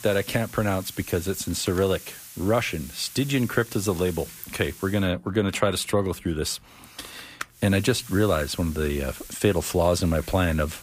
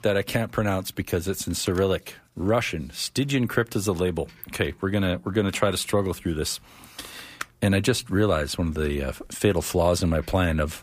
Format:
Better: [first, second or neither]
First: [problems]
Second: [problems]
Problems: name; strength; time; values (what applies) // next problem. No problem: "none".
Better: second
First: hiss; noticeable; until 5 s and from 7.5 s on; 15 dB below the speech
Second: none